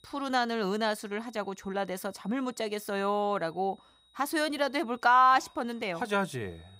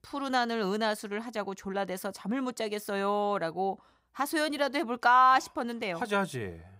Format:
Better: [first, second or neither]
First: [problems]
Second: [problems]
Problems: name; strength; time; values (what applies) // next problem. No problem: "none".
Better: second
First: high-pitched whine; faint; throughout; 4 kHz, 30 dB below the speech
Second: none